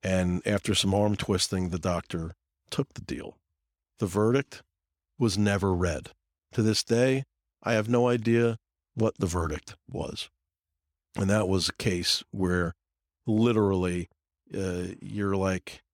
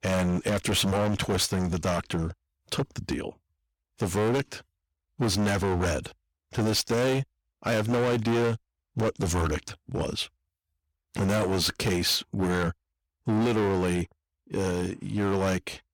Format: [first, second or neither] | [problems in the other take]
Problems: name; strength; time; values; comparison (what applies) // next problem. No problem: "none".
first | distortion; heavy; 17% of the sound clipped